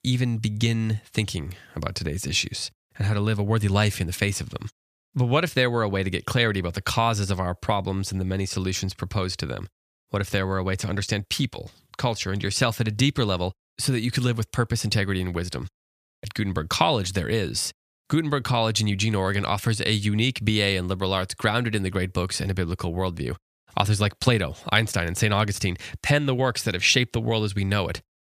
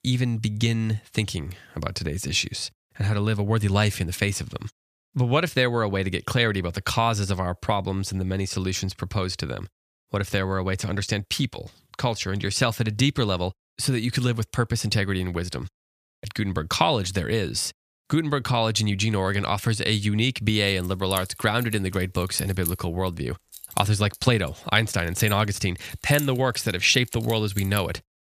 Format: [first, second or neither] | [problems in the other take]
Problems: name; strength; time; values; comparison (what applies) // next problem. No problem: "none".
first | jangling keys; noticeable; from 21 to 28 s; peak 4 dB below the speech